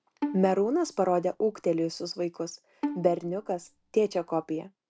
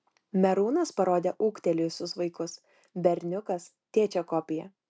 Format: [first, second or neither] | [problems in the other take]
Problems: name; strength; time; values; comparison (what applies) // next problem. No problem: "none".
second | background sound (Bowed string instrument); 11 dB below the speech